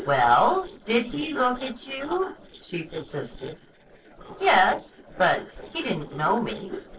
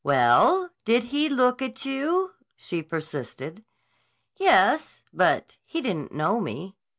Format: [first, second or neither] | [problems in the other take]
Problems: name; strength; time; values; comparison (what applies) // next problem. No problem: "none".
second | noise reduction (neural separator model SepFormer DNS4)